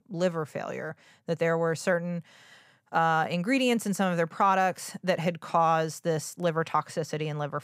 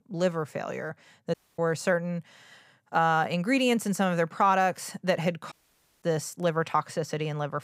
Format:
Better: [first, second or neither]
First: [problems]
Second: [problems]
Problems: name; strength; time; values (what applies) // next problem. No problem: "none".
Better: first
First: none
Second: audio cutting out; at 1.5 s and at 5.5 s for 0.5 s